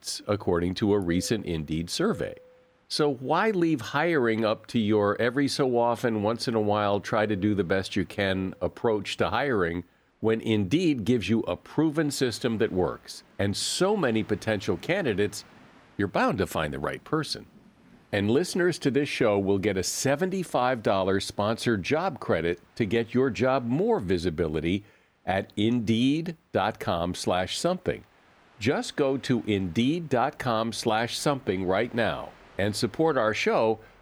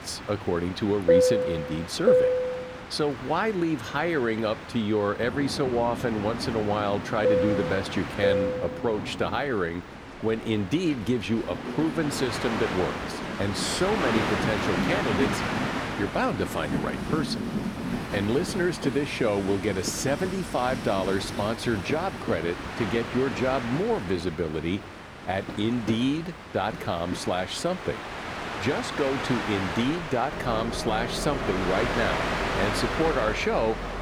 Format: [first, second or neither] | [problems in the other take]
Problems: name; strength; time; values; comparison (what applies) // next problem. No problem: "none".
first | train or aircraft noise; loud; throughout; 2 dB below the speech; faint in the first